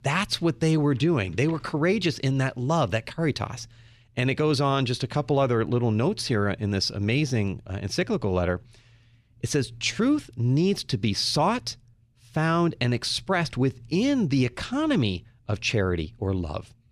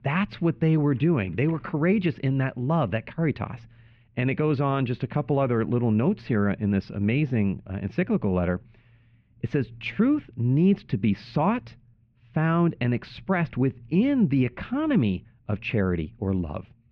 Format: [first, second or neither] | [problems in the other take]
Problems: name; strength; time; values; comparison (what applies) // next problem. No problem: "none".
first | muffled; very; fading above 2.5 kHz